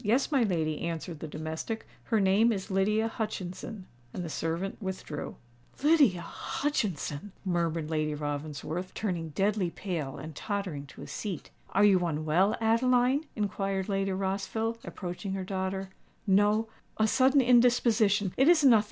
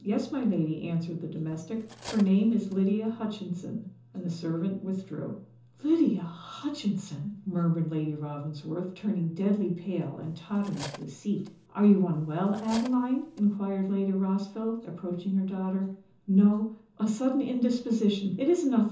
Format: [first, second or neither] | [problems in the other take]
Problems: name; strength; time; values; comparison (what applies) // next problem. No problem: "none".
first | background sound (Cutlery, silverware); 18 dB below the speech // room echo; dies away in 0.6 s